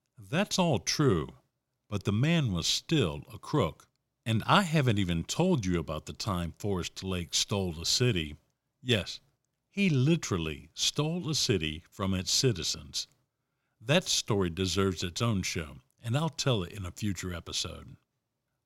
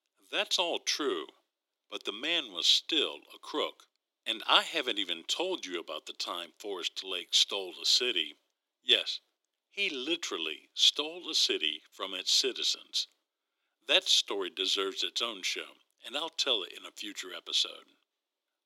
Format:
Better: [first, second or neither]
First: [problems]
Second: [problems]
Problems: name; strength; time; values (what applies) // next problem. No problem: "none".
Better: first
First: none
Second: thin; very; fading below 300 Hz